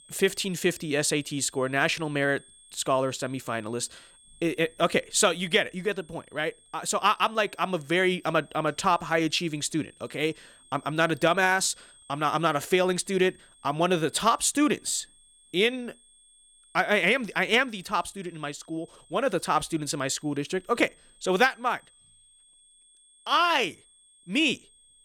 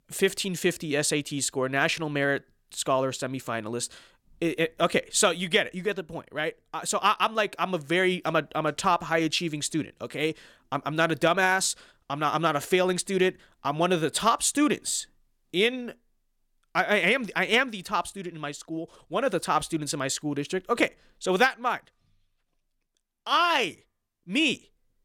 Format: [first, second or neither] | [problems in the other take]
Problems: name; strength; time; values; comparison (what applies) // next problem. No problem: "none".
second | high-pitched whine; faint; throughout; 8.5 kHz, 30 dB below the speech